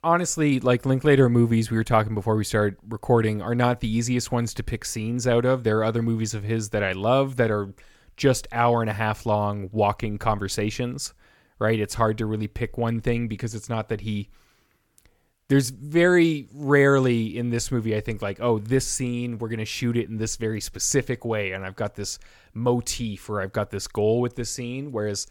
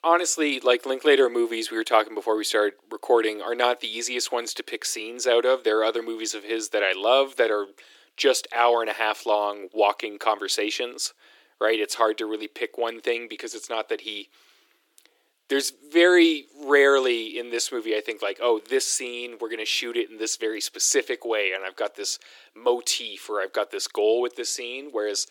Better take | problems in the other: first | thin; very; fading below 300 Hz

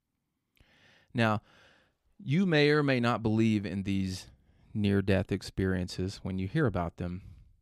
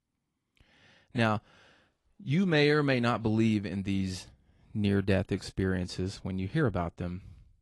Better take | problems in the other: first | garbled, watery; slightly; nothing above 11.5 kHz

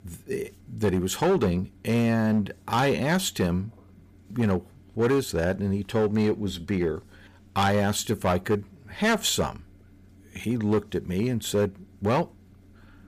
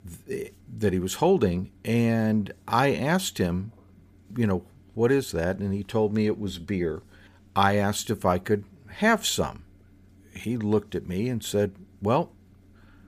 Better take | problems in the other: second | distortion; slight; 6% of the sound clipped

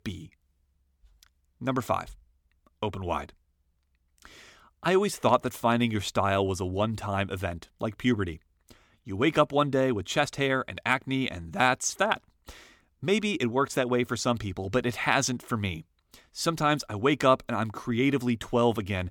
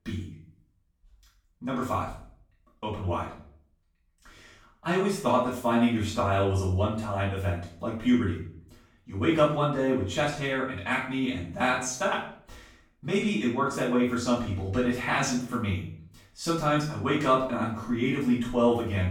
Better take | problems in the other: first | room echo; noticeable; dies away in 0.5 s // off-mic speech; far

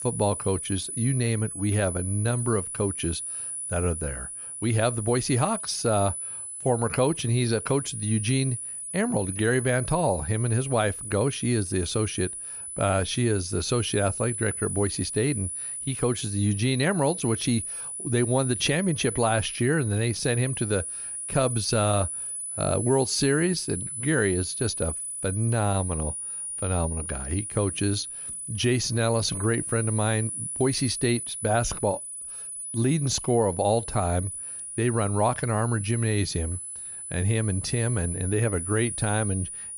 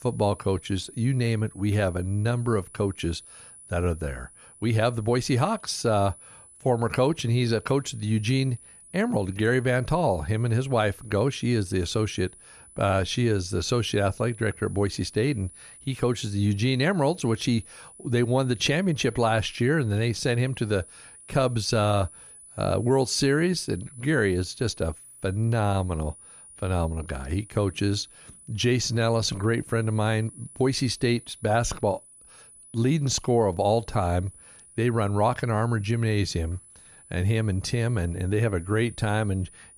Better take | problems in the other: second | high-pitched whine; loud; throughout; 10 kHz, 6 dB below the speech; faint in the second

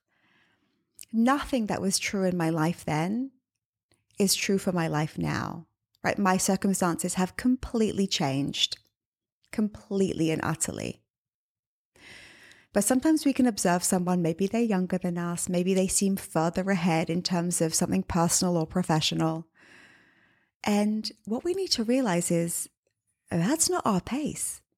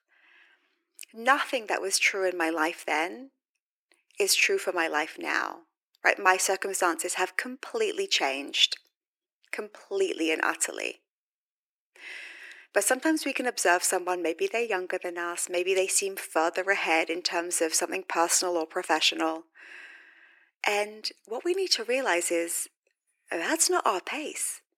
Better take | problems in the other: first | thin; very; fading below 350 Hz

